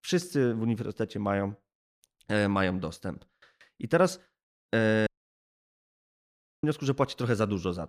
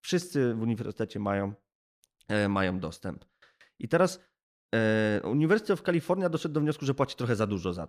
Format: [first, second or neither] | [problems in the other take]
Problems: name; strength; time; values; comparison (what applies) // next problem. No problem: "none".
second | audio cutting out; at 5 s for 1.5 s